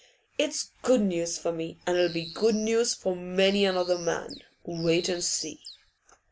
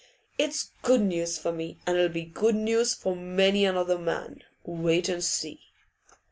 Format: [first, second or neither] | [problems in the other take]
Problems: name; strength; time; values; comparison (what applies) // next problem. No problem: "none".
second | background sound (Bird); 15 dB below the speech